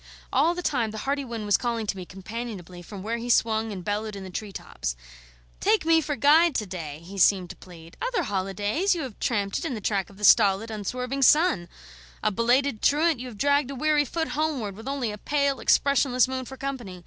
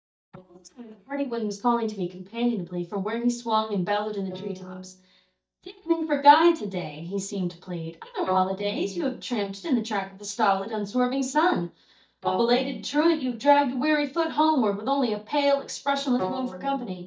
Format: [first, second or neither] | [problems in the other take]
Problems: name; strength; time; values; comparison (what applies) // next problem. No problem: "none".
first | noise reduction (neural mask model DeepFilterNet 3)